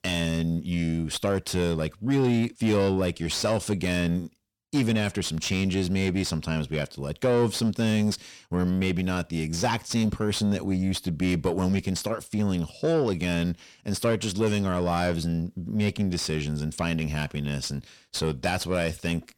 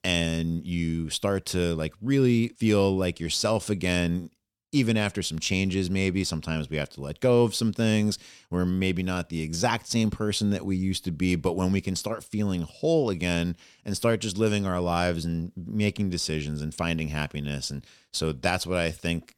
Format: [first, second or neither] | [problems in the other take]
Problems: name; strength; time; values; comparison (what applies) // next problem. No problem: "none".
second | distortion; slight; 10 dB below the speech